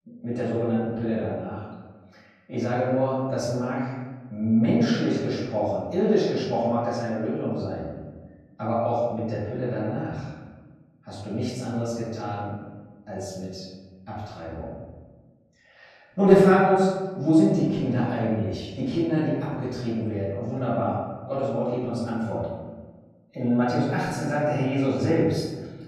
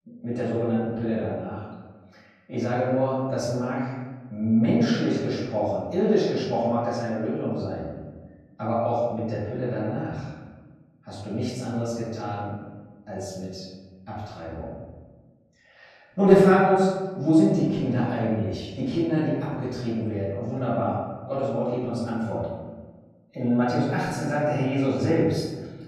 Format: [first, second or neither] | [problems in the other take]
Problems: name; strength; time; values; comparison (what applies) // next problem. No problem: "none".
neither | off-mic speech; far; the same in both // room echo; strong; dies away in 1.3 s; the same in both